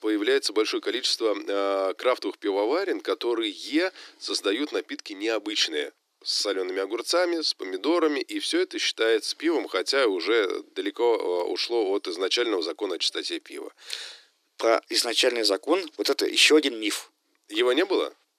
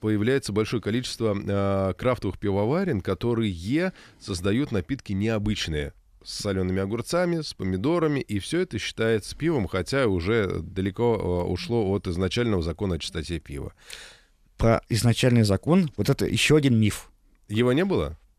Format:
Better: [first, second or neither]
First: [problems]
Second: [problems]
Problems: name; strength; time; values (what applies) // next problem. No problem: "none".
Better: second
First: thin; very; fading below 300 Hz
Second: none